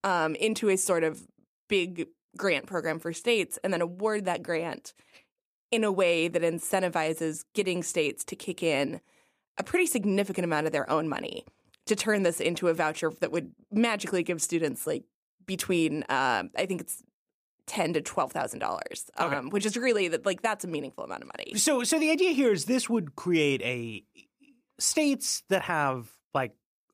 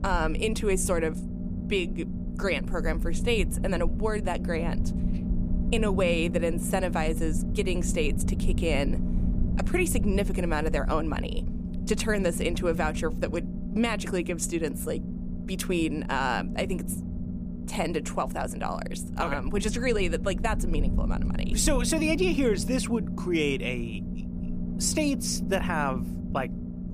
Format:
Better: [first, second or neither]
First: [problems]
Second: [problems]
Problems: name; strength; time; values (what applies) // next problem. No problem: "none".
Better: first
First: none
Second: low rumble; noticeable; throughout; 10 dB below the speech